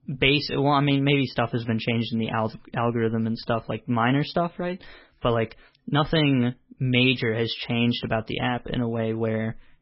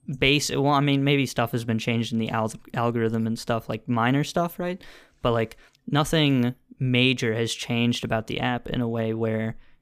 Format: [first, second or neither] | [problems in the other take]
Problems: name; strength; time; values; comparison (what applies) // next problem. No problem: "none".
second | garbled, watery; badly; nothing above 5.5 kHz